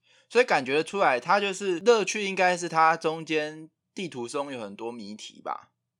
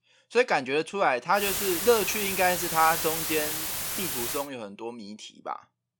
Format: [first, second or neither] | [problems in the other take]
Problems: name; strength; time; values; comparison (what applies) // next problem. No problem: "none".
first | hiss; loud; from 1.5 to 4.5 s; 2 dB below the speech